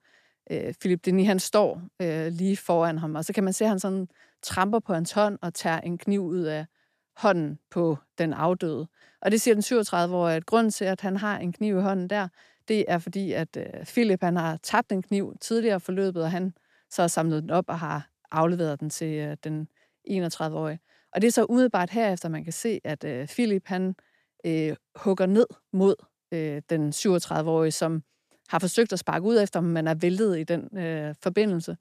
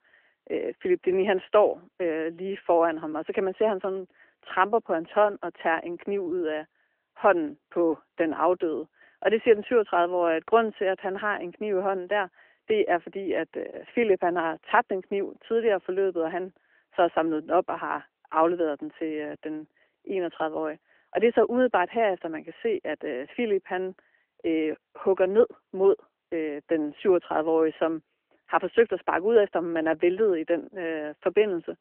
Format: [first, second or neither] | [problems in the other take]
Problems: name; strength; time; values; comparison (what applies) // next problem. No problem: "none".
first | phone-call audio; nothing above 3 kHz